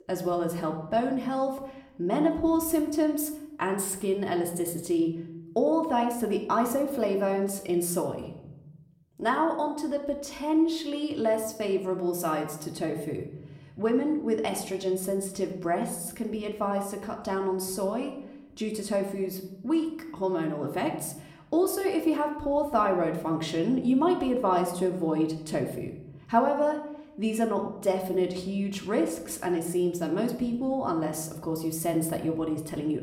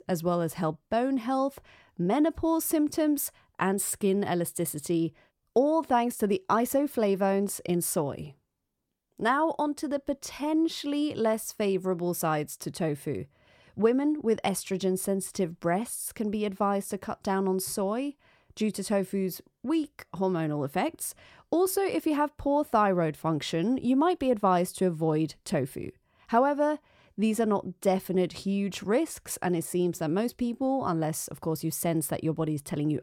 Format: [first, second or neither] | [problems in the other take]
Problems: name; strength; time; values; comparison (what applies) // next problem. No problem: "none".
second | room echo; slight; dies away in 0.7 s // off-mic speech; somewhat distant